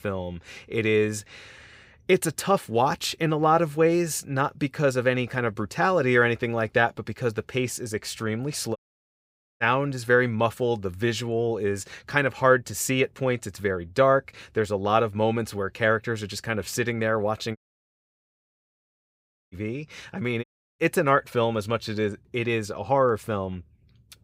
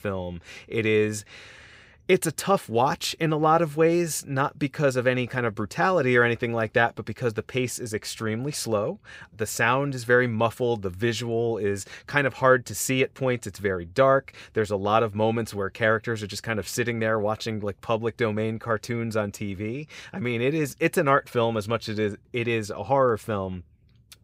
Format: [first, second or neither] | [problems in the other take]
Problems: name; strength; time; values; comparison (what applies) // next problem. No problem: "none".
second | audio cutting out; at 9 s for 1 s, at 18 s for 2 s and at 20 s